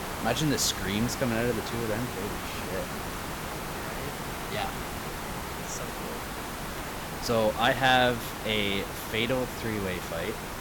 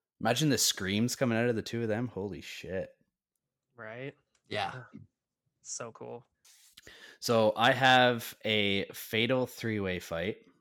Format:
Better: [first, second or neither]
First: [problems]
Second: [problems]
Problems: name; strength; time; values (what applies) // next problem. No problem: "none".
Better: second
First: hiss; loud; throughout; 6 dB below the speech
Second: none